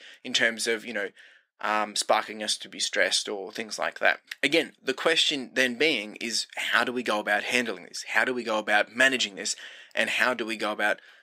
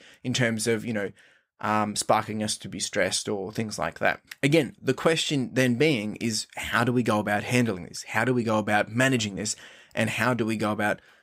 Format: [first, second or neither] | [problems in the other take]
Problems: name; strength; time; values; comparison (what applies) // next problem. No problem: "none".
second | thin; somewhat; fading below 250 Hz